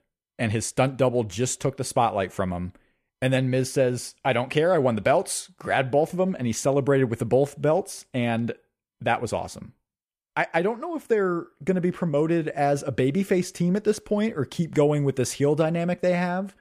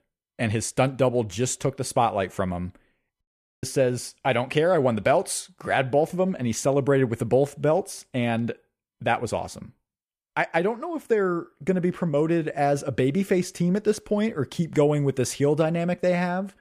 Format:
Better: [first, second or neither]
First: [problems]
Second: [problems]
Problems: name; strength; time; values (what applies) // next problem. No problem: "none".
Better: first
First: none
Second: audio cutting out; at 3 s